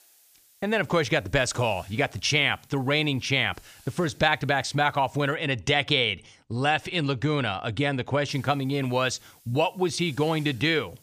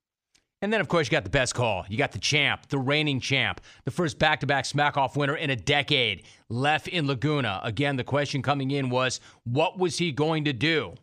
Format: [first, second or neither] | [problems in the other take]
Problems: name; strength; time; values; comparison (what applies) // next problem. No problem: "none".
second | hiss; faint; until 5.5 s and from 8.5 s on; 30 dB below the speech